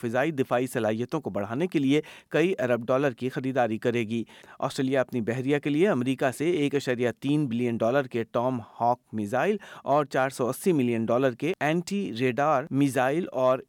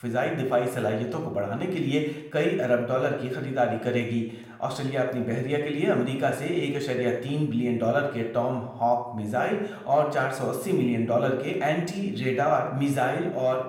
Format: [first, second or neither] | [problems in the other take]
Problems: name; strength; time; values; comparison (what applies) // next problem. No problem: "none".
first | room echo; slight; dies away in 0.6 s // off-mic speech; somewhat distant